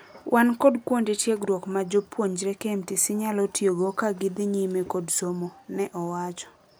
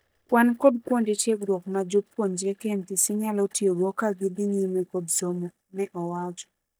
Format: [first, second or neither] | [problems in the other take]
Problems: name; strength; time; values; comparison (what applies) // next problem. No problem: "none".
first | noise reduction (neural mask model DeepFilterNet 3)